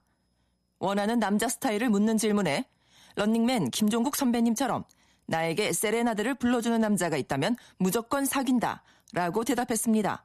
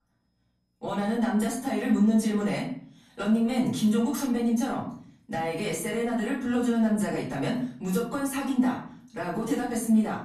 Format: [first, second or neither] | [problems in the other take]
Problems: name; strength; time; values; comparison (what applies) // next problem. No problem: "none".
first | off-mic speech; far // room echo; noticeable; dies away in 0.5 s